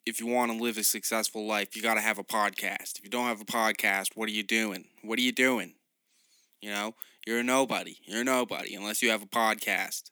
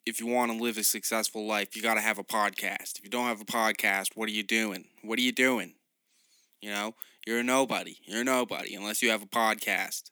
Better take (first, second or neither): neither